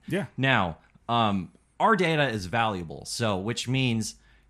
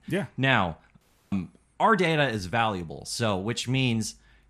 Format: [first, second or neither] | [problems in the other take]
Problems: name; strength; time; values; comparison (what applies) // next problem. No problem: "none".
first | audio cutting out; at 1 s